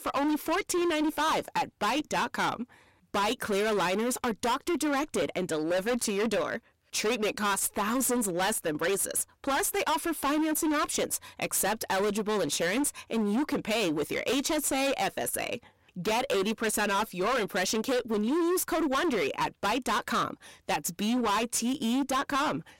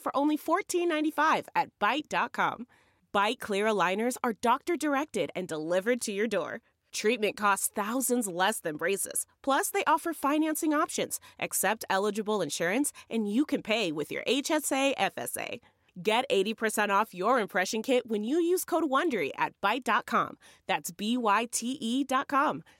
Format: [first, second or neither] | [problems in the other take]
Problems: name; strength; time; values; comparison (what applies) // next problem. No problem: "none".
second | distortion; heavy; 25% of the sound clipped